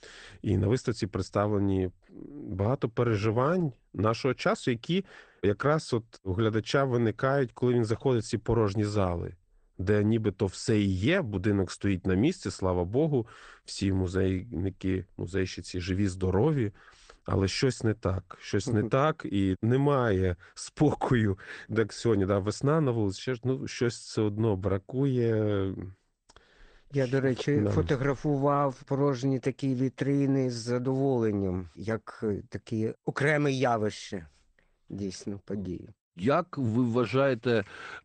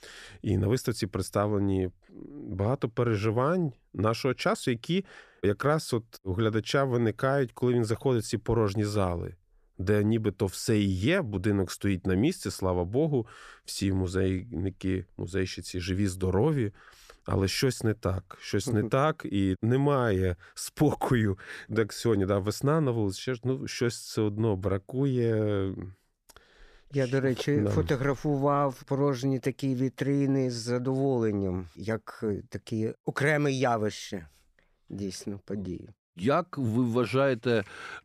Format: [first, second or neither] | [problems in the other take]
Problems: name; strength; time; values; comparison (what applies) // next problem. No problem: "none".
second | garbled, watery; slightly; nothing above 8.5 kHz